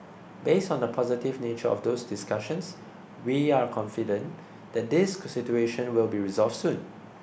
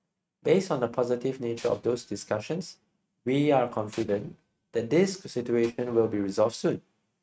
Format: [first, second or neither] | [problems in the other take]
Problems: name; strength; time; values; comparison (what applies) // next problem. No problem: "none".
first | noise reduction (neural mask model RNNoise)